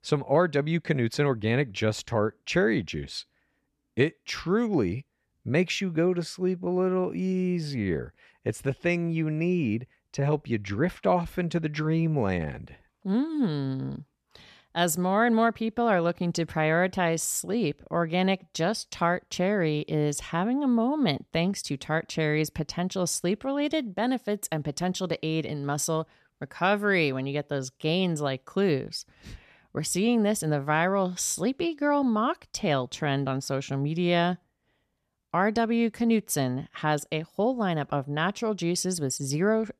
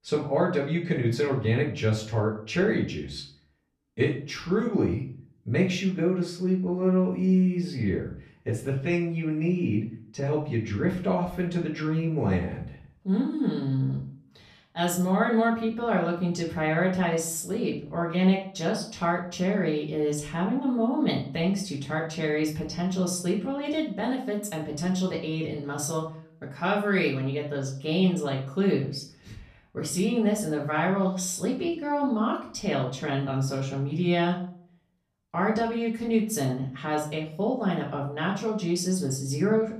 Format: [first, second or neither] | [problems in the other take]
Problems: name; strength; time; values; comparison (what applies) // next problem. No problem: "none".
first | off-mic speech; far // room echo; slight; dies away in 0.4 s